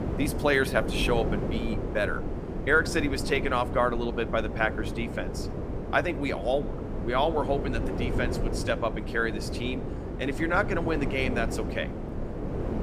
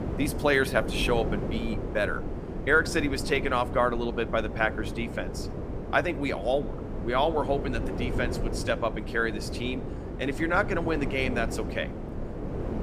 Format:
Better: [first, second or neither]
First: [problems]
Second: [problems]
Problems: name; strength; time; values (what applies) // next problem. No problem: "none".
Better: second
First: wind noise on the microphone; heavy; 9 dB below the speech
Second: wind noise on the microphone; occasional gusts; 10 dB below the speech